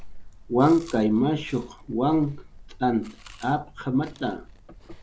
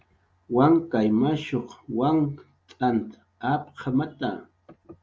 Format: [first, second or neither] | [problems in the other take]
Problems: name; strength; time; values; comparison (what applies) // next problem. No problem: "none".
second | background sound (Chewing, mastication); 17 dB below the speech